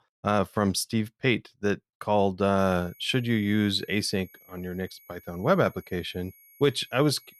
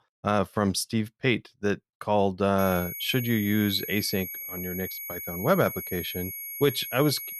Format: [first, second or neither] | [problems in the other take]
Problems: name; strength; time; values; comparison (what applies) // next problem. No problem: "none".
first | high-pitched whine; loud; from 2.5 s on; 11.5 kHz, 7 dB below the speech; faint in the first